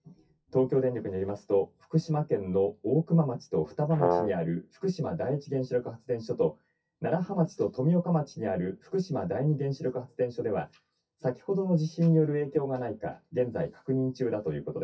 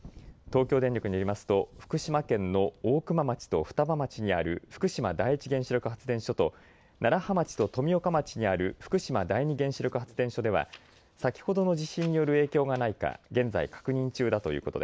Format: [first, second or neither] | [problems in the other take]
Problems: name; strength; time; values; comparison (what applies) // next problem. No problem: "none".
second | noise reduction (classical method WPE with log-MMSE)